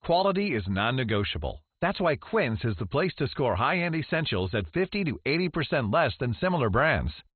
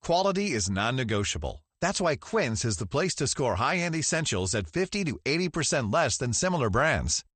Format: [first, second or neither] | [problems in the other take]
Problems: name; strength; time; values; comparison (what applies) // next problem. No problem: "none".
second | garbled, watery; badly; nothing above 4 kHz; slightly in the second